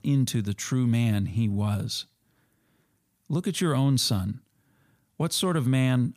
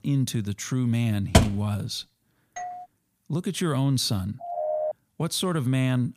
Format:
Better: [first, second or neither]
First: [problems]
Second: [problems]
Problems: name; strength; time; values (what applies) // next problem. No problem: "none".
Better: first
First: none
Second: door banging; loud; at 1.5 s; peak 5 dB above the speech // doorbell; faint; at 2.5 s; peak 10 dB below the speech // phone ringing; noticeable; at 4.5 s; peak 1 dB below the speech